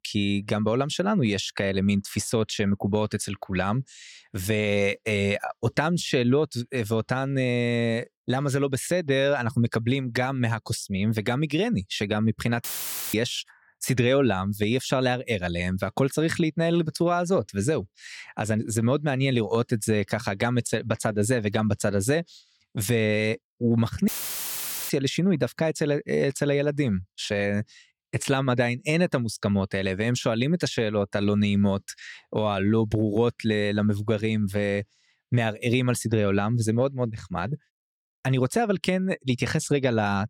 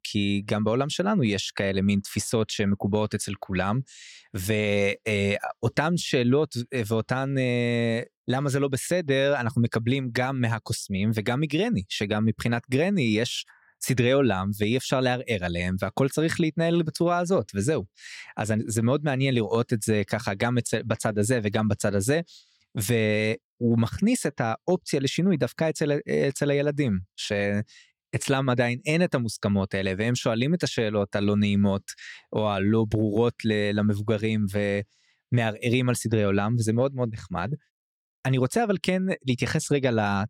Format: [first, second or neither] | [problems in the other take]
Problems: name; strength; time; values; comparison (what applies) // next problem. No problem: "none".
second | audio cutting out; filled with static; at 13 s for 0.5 s and at 24 s for 1 s